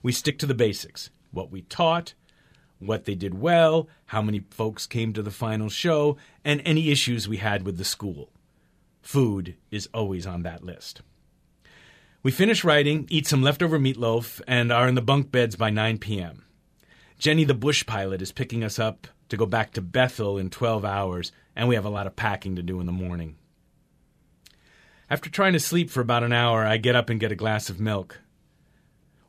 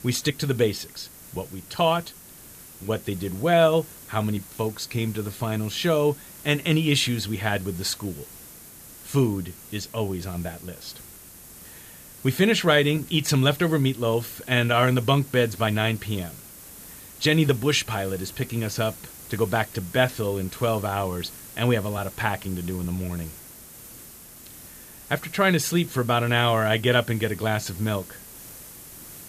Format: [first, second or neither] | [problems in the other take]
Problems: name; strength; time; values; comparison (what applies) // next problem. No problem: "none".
first | hiss; noticeable; throughout; 15 dB below the speech